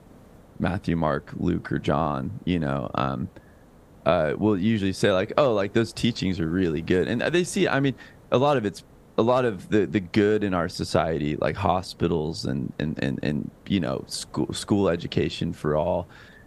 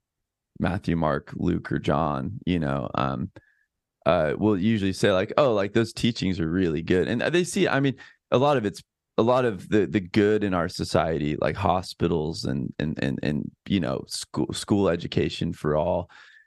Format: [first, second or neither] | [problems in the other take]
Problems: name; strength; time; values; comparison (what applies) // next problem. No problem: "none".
second | hiss; faint; throughout; 25 dB below the speech